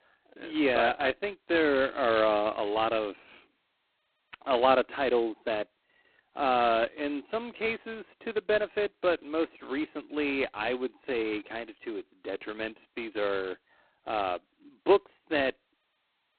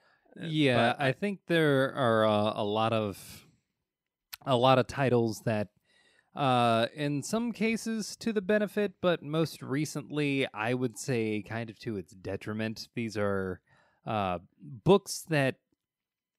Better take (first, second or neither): second